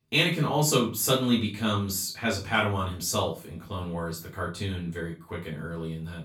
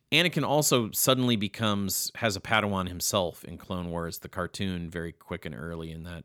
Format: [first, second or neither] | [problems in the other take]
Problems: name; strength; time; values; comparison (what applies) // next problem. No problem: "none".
second | off-mic speech; far // room echo; slight; dies away in 0.3 s